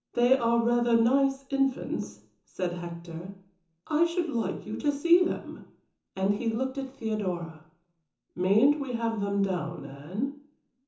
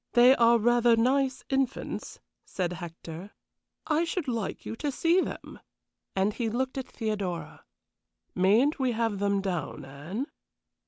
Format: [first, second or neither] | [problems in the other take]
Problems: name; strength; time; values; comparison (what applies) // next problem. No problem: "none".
second | room echo; dies away in 0.7 s